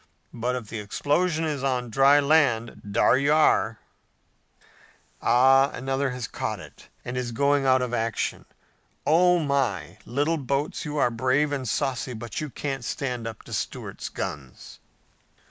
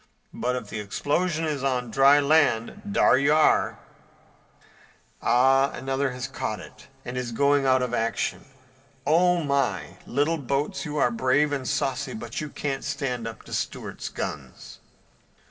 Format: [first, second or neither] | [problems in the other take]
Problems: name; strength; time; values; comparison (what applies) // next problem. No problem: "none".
first | room echo; dies away in 1.9 s